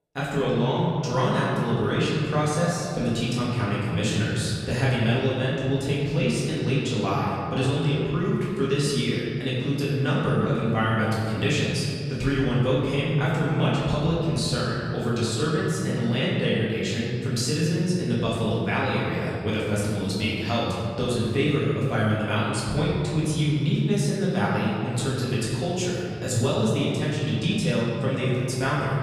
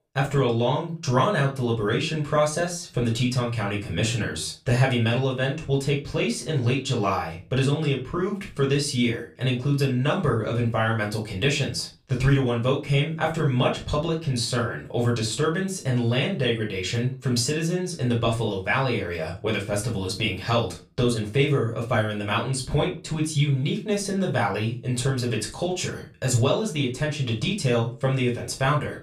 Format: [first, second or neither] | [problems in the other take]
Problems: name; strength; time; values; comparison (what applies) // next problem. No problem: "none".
second | room echo; strong; dies away in 2.3 s; slight in the second // off-mic speech; far; far in the second